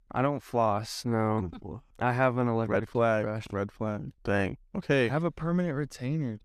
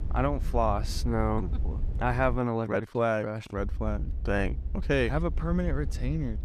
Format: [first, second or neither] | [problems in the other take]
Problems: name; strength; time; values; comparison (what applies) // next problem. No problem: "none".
first | low rumble; faint; until 2.5 s and from 3.5 s on; 20 dB below the speech